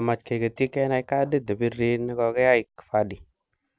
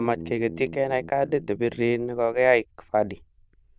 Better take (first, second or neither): first